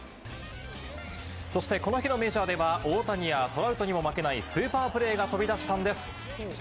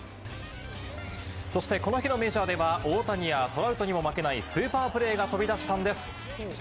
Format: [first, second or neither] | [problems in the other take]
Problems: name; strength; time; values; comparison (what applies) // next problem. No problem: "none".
first | background sound (Bowed string instrument); 17 dB below the speech